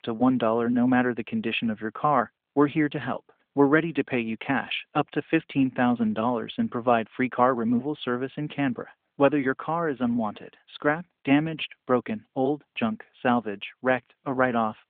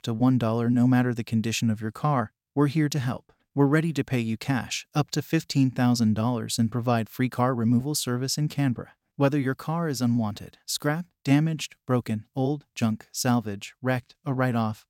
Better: second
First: phone-call audio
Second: none

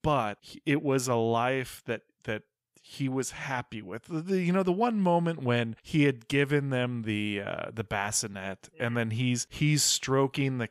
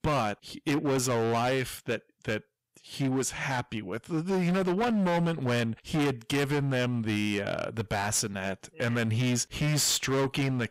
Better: first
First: none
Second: distortion; heavy; 19% of the sound clipped

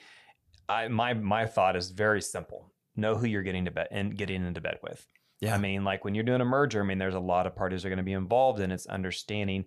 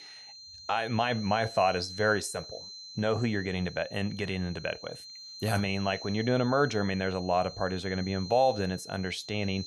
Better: first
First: none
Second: high-pitched whine; noticeable; throughout; 4 kHz, 15 dB below the speech

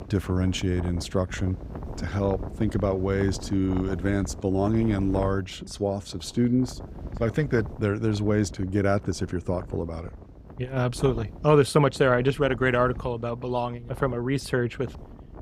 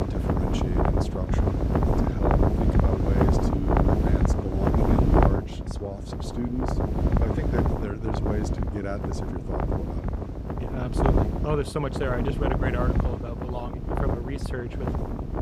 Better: first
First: wind noise on the microphone; occasional gusts; 15 dB below the speech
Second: wind noise on the microphone; heavy; 5 dB above the speech

